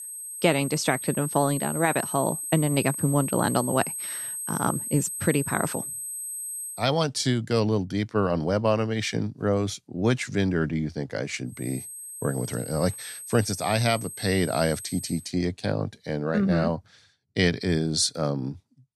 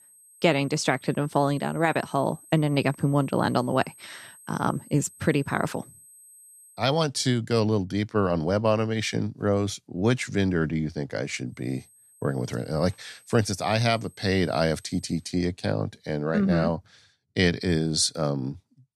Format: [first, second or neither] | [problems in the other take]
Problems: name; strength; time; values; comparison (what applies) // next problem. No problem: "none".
second | high-pitched whine; loud; until 7 s and from 12 to 15 s; 8 kHz, 6 dB below the speech; faint in the second